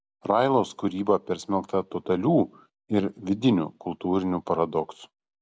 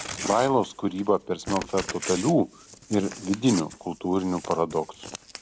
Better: first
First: none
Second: background sound (Crumpling, crinkling / Tearing); 12 dB below the speech

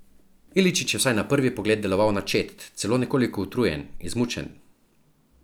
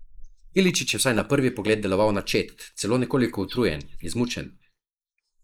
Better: first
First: none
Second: noise reduction (neural mask model Resemble Enhance denoiser)

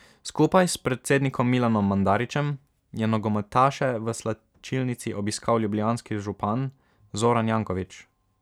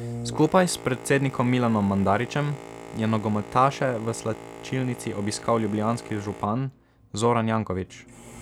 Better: first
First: none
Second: background sound (Boat, Water vehicle); 15 dB below the speech

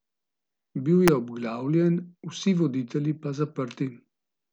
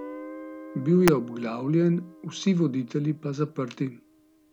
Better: first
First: none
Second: background sound (Guitar); 18 dB below the speech

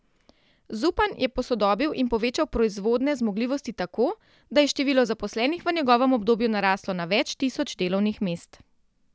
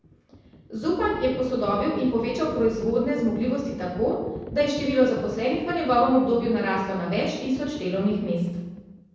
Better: first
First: none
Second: background sound (Livestock, farm animals, working animals); 16 dB below the speech // room echo; dies away in 1.1 s

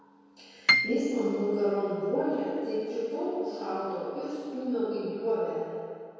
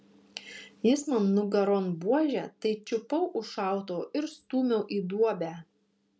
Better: second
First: background sound (Piano); as loud as the speech // room echo; dies away in 2.2 s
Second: none

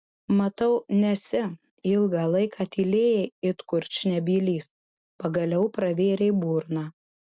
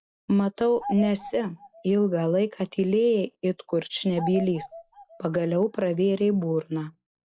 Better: first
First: none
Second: noise reduction (classical method log-MMSE)

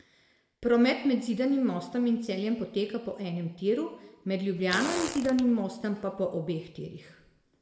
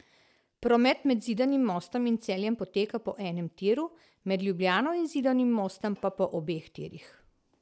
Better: second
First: background sound (Fart); 8 dB below the speech // room echo; dies away in 0.9 s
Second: none

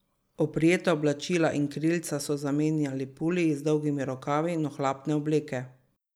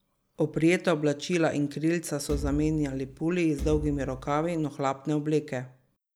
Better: first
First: none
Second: background sound (Thump, thud); 9 dB below the speech

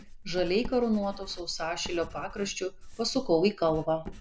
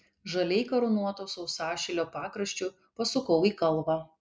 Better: second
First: background sound (Writing); 12 dB below the speech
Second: none

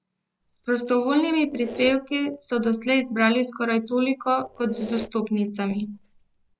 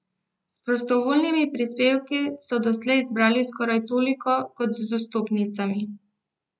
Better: second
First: background sound (Squeak); 19 dB below the speech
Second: none

